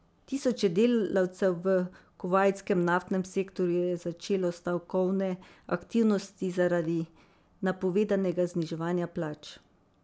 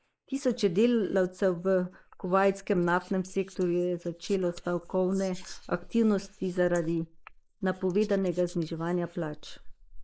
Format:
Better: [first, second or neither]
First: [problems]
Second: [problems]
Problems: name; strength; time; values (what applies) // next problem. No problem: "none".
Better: first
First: none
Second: noise reduction (neural mask model Resemble Enhance denoiser)